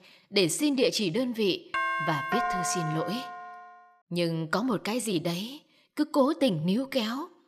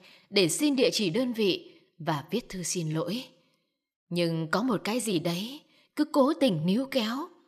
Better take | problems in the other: second | doorbell; loud; from 1.5 to 3.5 s; peak level with the speech

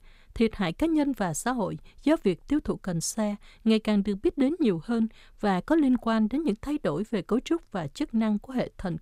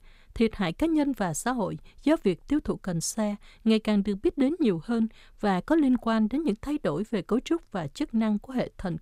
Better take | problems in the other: neither | none

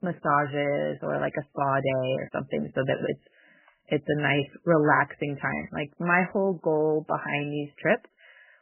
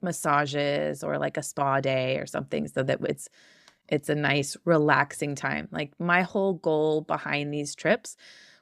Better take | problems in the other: second | garbled, watery; badly; nothing above 3 kHz

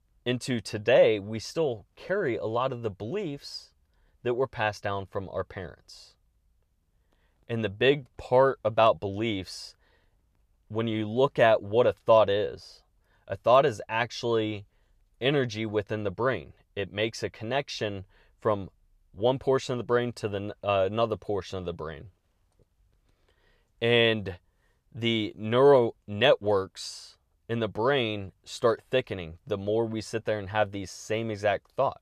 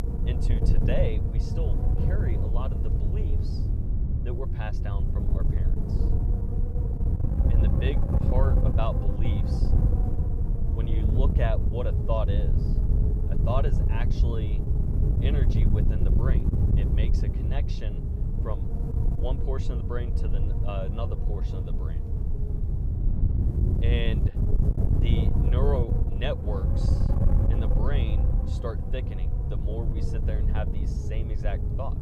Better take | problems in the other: first | wind noise on the microphone; heavy; 2 dB below the speech

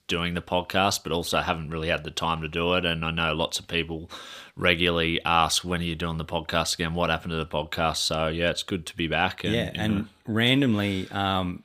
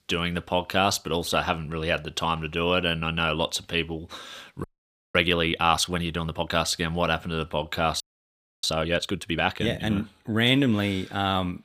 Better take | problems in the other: first | audio freezing; at 4.5 s for 0.5 s and at 8 s for 0.5 s

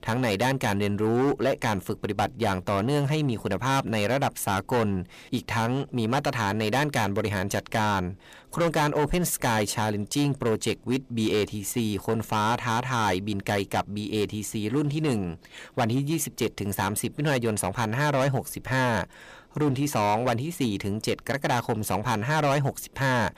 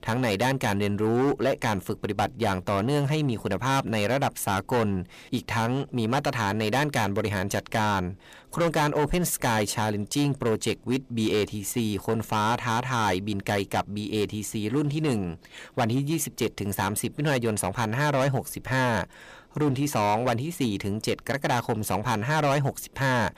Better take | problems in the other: neither | distortion; heavy; 10% of the sound clipped; the same in both

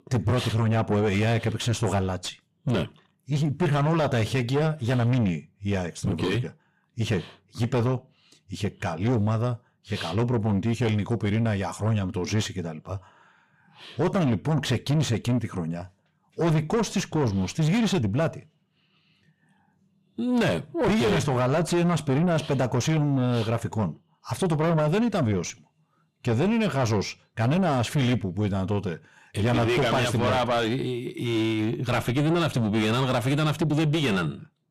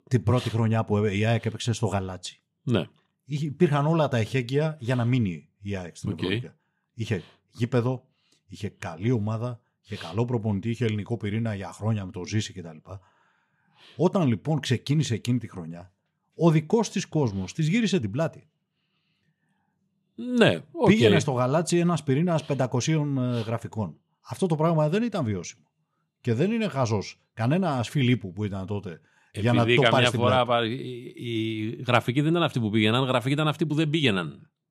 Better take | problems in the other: second | distortion; heavy; 6 dB below the speech

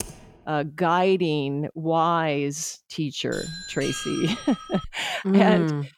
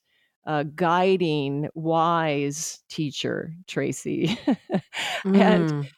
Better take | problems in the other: second | keyboard typing; faint; at the start; peak 10 dB below the speech // doorbell; noticeable; from 3.5 to 5 s; peak 8 dB below the speech

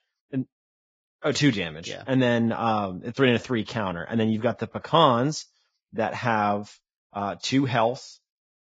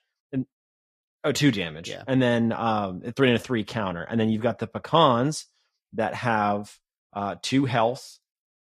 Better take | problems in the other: second | garbled, watery; badly; nothing above 7.5 kHz; slightly in the second

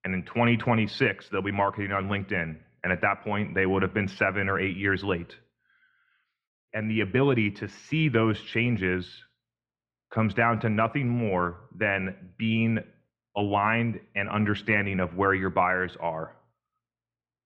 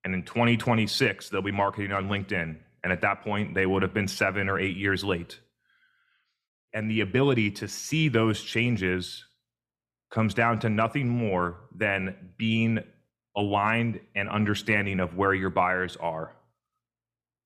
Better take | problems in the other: second | muffled; slightly; fading above 2.5 kHz

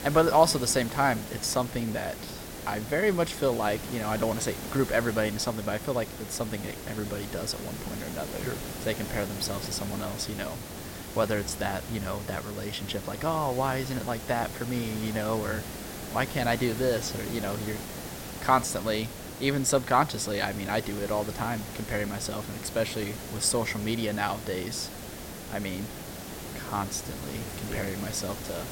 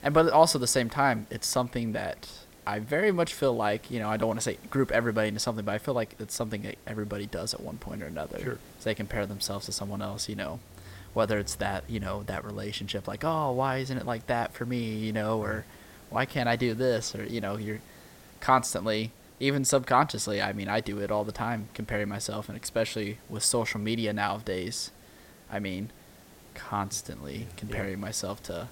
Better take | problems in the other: second | hiss; loud; throughout; 8 dB below the speech; faint in the second

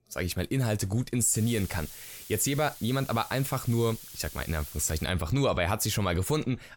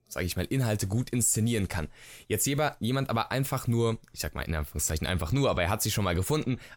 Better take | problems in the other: second | hiss; noticeable; from 1.5 to 5 s; 15 dB below the speech

